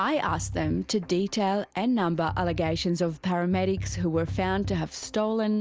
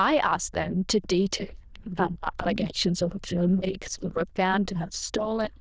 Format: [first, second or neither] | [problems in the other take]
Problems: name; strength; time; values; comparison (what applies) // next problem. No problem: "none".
first | noise reduction (neural diffusion model UNIVERSE++)